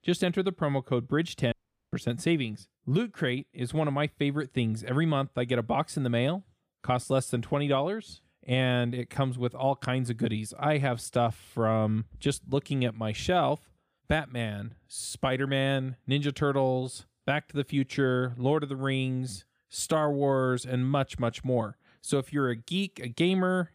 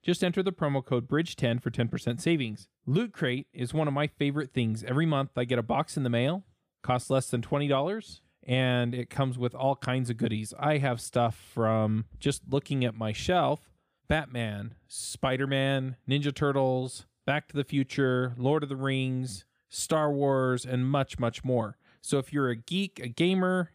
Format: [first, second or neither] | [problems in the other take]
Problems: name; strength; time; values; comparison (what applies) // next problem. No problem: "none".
second | audio cutting out; at 1.5 s